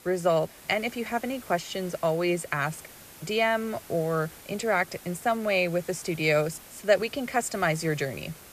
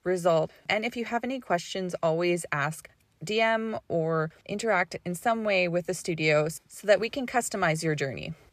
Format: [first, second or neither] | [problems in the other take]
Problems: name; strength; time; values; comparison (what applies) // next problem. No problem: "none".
second | hiss; noticeable; throughout; 20 dB below the speech